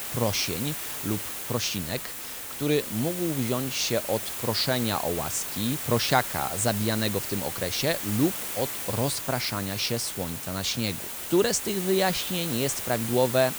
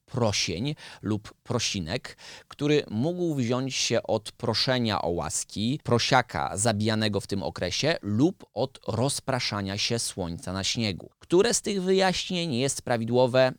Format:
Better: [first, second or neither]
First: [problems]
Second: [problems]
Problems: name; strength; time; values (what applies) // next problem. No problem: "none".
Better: second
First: hiss; loud; throughout; 4 dB below the speech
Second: none